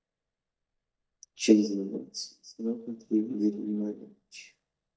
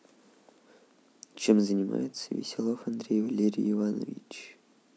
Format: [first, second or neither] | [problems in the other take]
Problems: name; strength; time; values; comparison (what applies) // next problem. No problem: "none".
second | noise reduction (neural mask model DeepFilterNet 3)